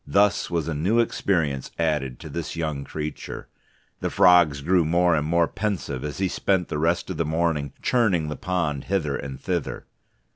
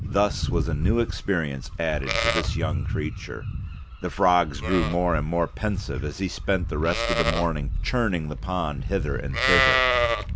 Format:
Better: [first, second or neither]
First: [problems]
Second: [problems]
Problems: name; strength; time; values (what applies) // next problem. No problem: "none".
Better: first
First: none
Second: background sound (Livestock, farm animals, working animals); as loud as the speech